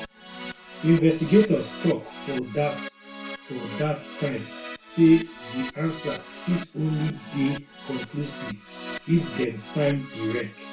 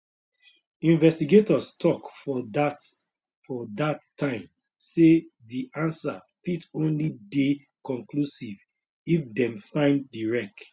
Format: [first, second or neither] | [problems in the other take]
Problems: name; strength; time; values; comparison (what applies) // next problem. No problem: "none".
second | background sound (Keyboard (musical)); 13 dB below the speech // room echo; dies away in 0.3 s